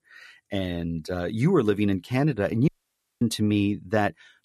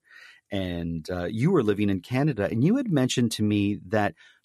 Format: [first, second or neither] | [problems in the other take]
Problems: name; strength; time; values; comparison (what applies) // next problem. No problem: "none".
second | audio cutting out; at 2.5 s for 0.5 s